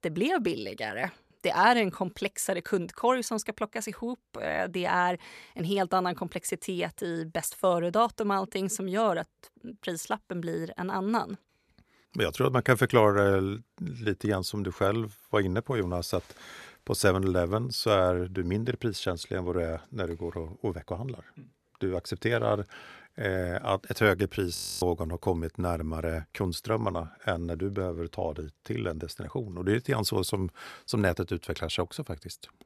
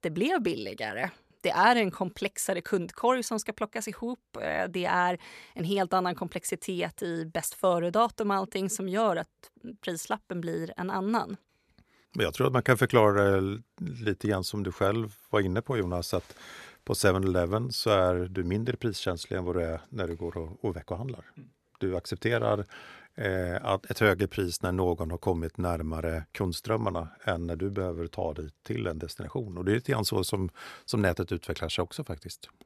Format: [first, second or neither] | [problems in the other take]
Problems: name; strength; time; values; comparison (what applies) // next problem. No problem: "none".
second | audio freezing; at 25 s